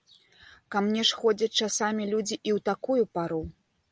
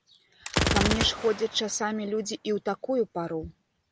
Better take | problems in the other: first | background sound (Gunshot, gunfire); 3 dB below the speech

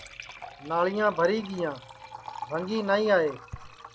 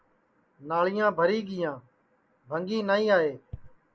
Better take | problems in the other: second | background sound (Liquid); 15 dB below the speech

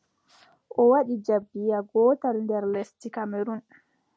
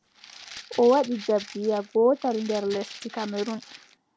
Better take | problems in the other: first | background sound (Rattle (instrument)); 18 dB below the speech

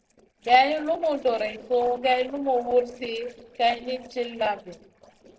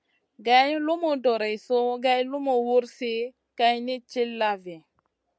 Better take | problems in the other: second | noise reduction (neural separator model SepFormer DNS4)

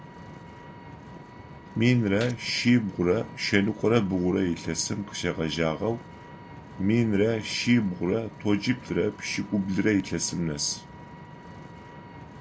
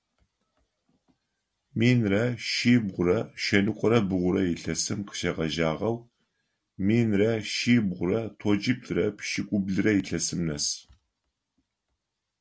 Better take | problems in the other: second | background sound (Gunshot, gunfire + Vehicle); 17 dB below the speech

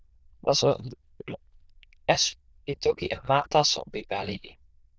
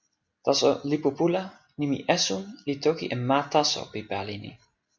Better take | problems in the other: second | noise reduction (neural diffusion model UNIVERSE++)

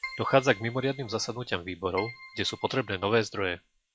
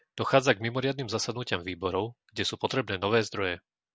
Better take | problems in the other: second | noise reduction (classical method log-MMSE)

